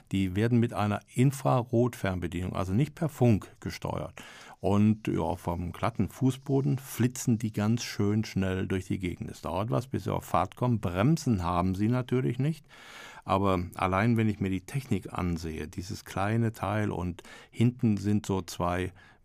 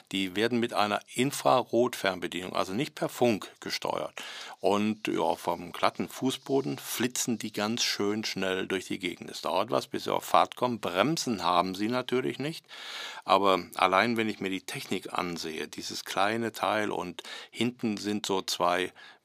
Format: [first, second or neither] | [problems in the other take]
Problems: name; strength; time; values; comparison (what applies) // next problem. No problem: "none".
first | thin; somewhat; fading below 350 Hz